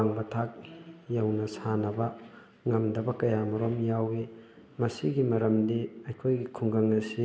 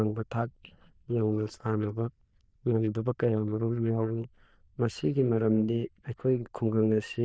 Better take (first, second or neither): first